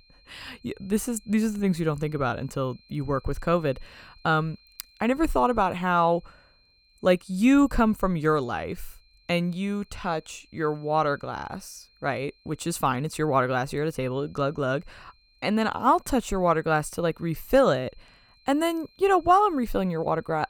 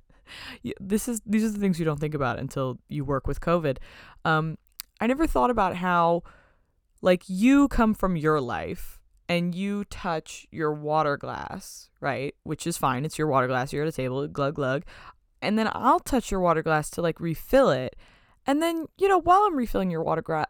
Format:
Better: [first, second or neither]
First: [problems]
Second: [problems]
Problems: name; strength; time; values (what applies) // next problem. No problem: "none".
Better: second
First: high-pitched whine; faint; throughout; 4 kHz, 35 dB below the speech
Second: none